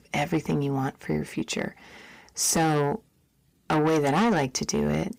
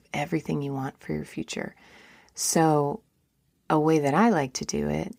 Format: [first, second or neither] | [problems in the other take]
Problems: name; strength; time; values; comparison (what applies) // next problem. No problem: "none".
second | distortion; heavy; 7 dB below the speech